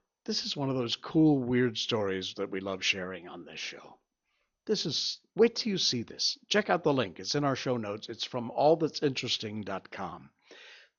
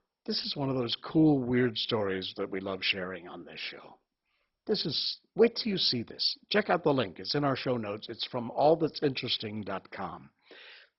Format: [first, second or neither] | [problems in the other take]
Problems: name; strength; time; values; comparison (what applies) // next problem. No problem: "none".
first | garbled, watery; badly; nothing above 5.5 kHz; slightly in the first